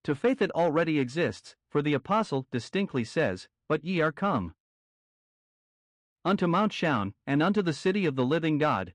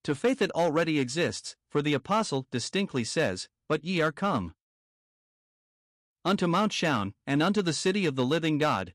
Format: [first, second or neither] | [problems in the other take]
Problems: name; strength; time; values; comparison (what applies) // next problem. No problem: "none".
second | muffled; slightly; fading above 4 kHz